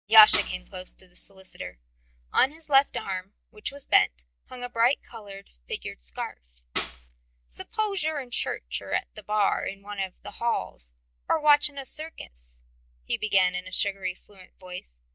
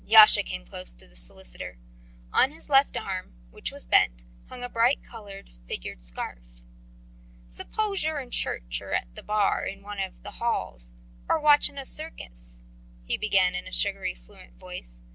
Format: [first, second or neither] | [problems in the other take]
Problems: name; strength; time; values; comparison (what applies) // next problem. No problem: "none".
second | noise reduction (neural mask model DeepFilterNet 3)